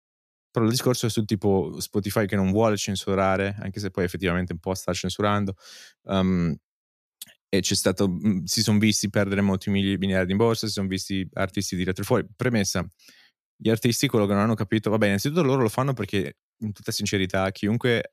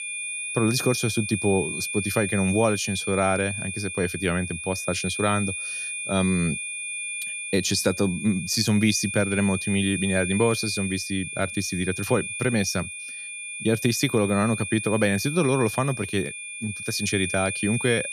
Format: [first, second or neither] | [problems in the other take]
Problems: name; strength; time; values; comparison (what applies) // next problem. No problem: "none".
first | high-pitched whine; loud; throughout; 2.5 kHz, 5 dB below the speech